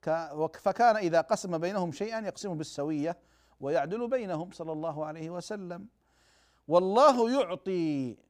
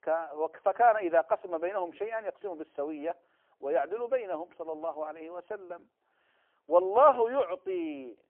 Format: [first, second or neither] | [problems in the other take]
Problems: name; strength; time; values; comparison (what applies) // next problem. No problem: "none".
first | phone-call audio; poor line; nothing above 3 kHz